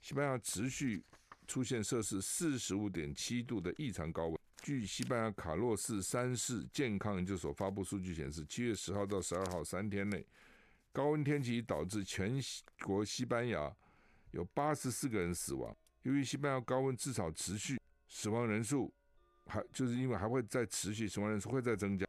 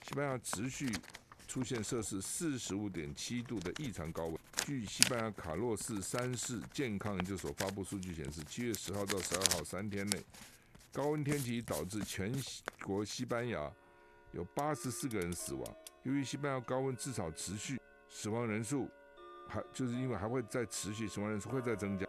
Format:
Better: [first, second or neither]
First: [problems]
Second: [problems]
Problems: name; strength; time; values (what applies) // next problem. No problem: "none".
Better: first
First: household noises; faint; throughout; 25 dB below the speech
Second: household noises; loud; throughout; 2 dB below the speech